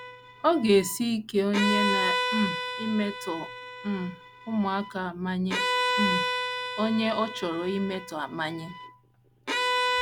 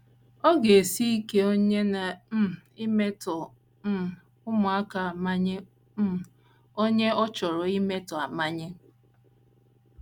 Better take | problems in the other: second | background sound (Bowed string instrument); 2 dB below the speech

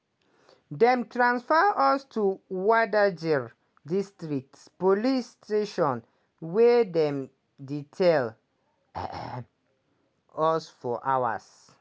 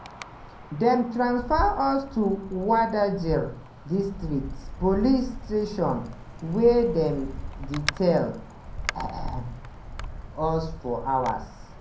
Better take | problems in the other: first | background sound (Wind); 10 dB below the speech // room echo; dies away in 0.6 s

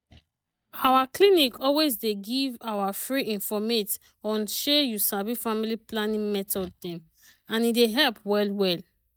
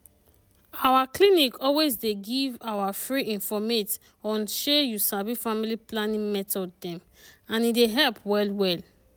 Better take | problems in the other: second | noise reduction (neural mask model DeepFilterNet 3)

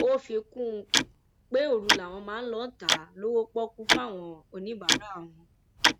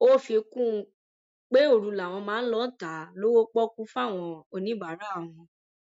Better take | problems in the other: second | background sound (Tick-tock); 1 dB above the speech

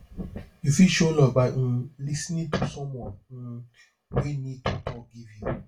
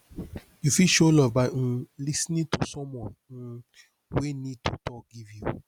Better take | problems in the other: second | room echo; dies away in 0.2 s

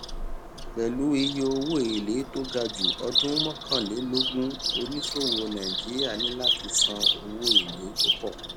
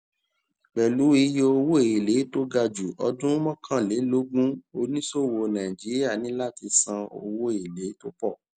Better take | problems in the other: second | background sound (Bird vocalization, bird call, bird song); 1 dB above the speech

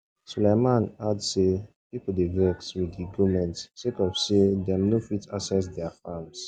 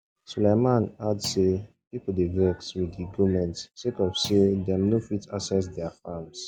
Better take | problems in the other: first | background sound (Thump, thud); 17 dB below the speech

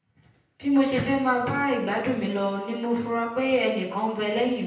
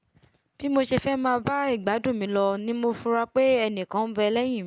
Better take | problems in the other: second | room echo; dies away in 0.8 s

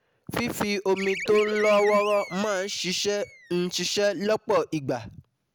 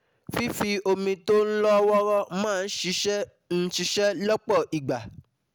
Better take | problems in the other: second | background sound (Animal); 11 dB below the speech

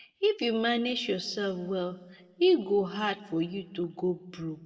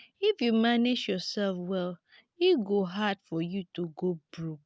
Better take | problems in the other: second | room echo; dies away in 1 s

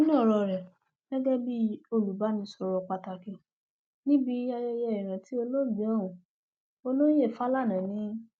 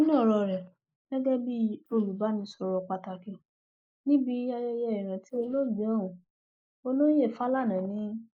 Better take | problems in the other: first | noise reduction (neural mask model Resemble Enhance denoiser)

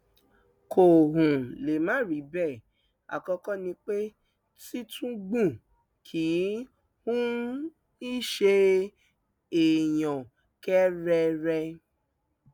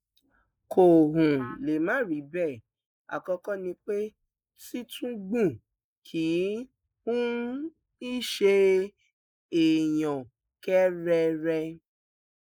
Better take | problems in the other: first | noise reduction (neural mask model Resemble Enhance denoiser)

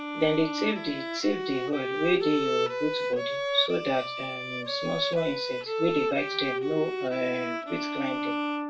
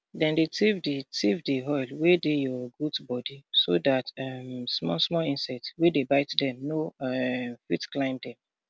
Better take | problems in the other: second | background sound (Bowed string instrument); 2 dB below the speech // room echo; dies away in 0.2 s

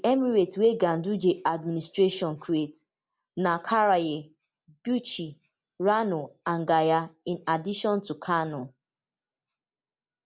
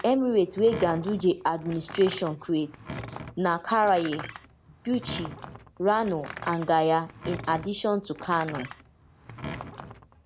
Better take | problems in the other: first | background sound (Door); 14 dB below the speech

